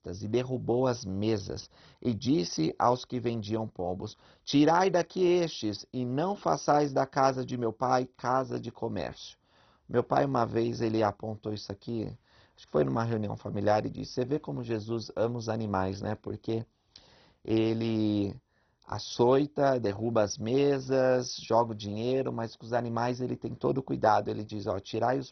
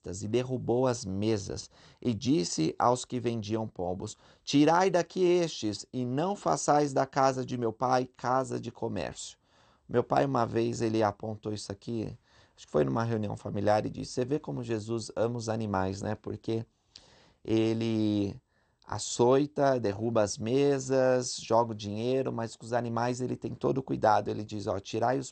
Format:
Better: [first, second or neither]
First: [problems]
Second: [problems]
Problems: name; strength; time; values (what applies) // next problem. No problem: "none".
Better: second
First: garbled, watery; badly; nothing above 6 kHz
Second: garbled, watery; slightly; nothing above 8.5 kHz